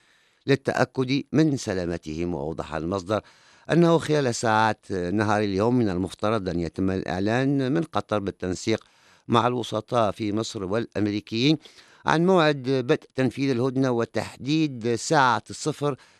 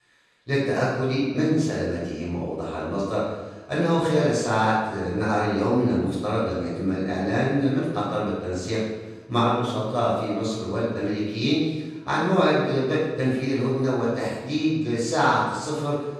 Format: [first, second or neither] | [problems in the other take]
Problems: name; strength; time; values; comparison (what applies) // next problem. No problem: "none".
first | off-mic speech; far // room echo; strong; dies away in 1 s